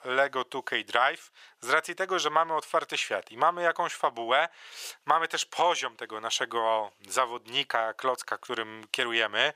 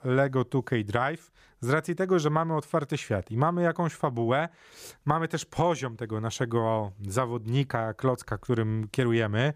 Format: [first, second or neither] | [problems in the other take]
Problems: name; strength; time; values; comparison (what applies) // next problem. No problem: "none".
second | thin; very; fading below 750 Hz